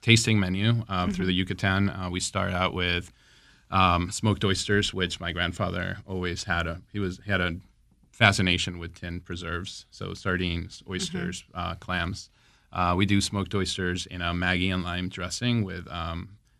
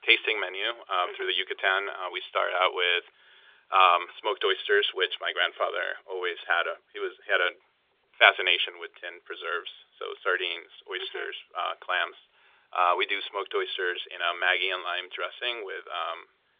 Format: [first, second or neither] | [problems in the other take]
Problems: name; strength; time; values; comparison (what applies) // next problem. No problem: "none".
first | phone-call audio; nothing above 3.5 kHz